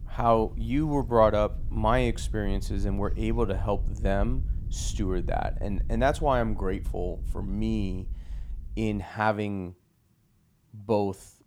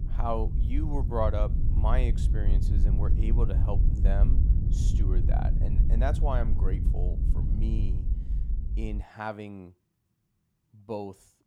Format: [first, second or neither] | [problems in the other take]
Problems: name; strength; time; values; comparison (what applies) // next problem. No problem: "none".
first | low rumble; loud; until 9 s; 8 dB below the speech; faint in the first